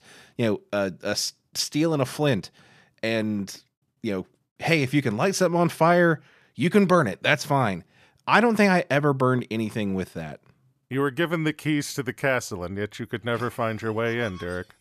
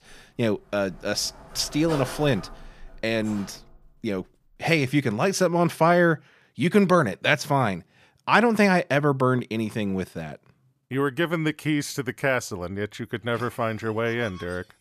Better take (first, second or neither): first